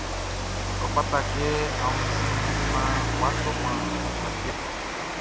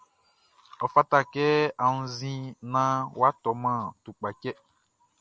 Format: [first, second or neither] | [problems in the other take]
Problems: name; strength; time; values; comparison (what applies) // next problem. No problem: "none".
second | background sound (Rain); 5 dB above the speech